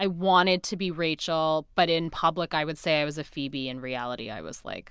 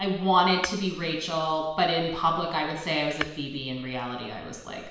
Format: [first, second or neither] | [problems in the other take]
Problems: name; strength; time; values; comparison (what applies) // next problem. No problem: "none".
first | background sound (Tap / Hammer); 12 dB below the speech // room echo; dies away in 1 s